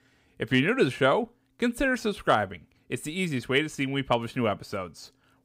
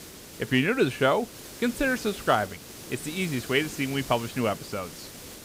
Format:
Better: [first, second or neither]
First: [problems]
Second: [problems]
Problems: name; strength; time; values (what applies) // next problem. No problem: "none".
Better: first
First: none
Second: hiss; noticeable; throughout; 15 dB below the speech